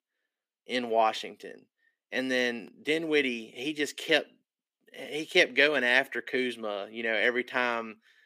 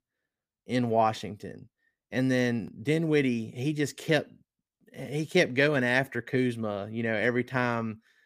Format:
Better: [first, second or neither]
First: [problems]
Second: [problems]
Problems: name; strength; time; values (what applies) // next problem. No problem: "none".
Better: second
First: thin; somewhat; fading below 300 Hz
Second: none